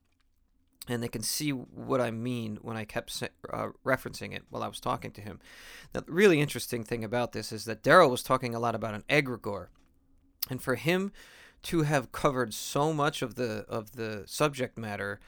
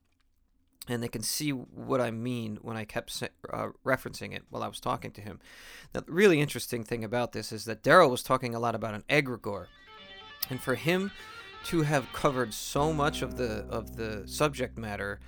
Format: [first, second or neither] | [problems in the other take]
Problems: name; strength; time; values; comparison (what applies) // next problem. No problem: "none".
first | background music; noticeable; from 10 s on; 15 dB below the speech